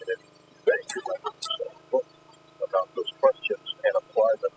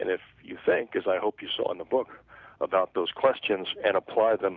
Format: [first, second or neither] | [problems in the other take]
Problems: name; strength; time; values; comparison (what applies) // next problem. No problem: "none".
second | noise reduction (classical method spectral subtraction)